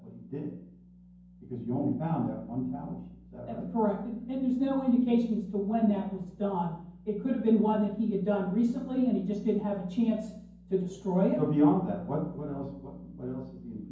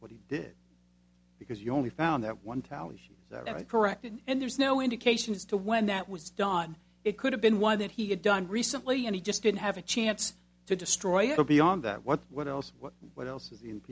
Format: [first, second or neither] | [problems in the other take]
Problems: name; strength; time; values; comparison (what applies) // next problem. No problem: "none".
second | room echo; dies away in 0.9 s